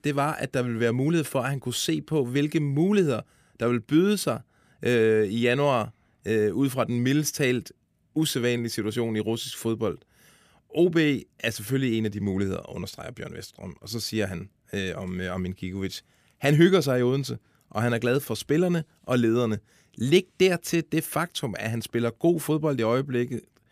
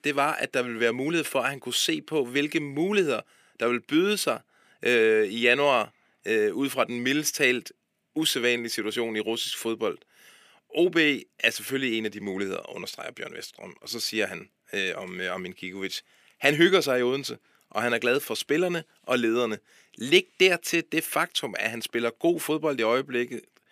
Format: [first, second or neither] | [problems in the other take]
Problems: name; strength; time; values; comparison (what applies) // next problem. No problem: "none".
first | thin; somewhat; fading below 300 Hz